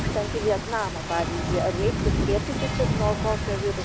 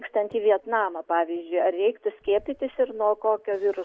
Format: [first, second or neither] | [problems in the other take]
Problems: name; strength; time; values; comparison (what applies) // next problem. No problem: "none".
second | background sound (Rain); 1 dB above the speech